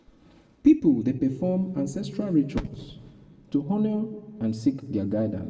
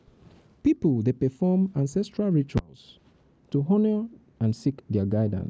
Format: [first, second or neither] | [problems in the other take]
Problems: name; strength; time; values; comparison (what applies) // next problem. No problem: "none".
second | room echo; dies away in 1.2 s